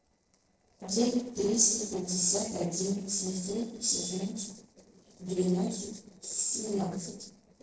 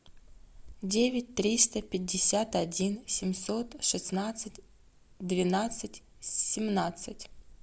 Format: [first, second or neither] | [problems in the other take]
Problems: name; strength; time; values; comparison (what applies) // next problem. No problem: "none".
second | noise reduction (neural separator model SepFormer DNS4)